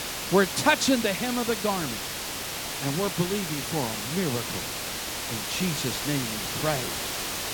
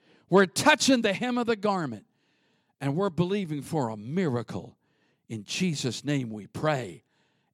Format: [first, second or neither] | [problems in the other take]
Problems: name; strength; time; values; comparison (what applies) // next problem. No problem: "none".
second | hiss; loud; throughout; 3 dB below the speech